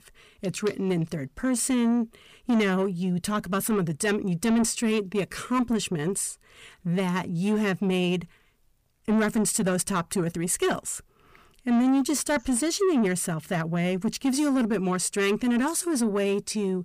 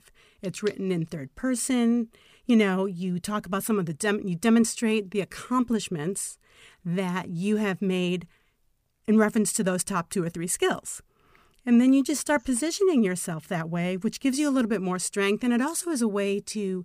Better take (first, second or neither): second